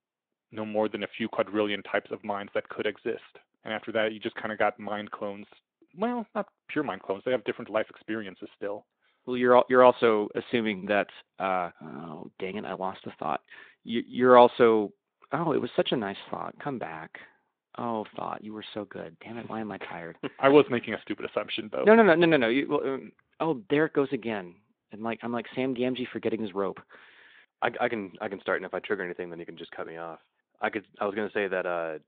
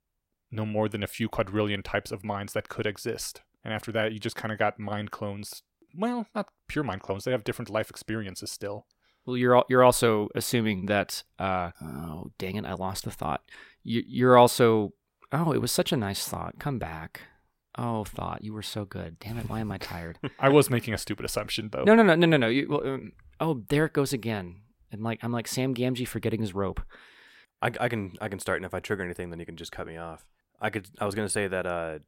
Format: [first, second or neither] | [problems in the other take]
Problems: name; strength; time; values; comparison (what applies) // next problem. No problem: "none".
second | phone-call audio; nothing above 3.5 kHz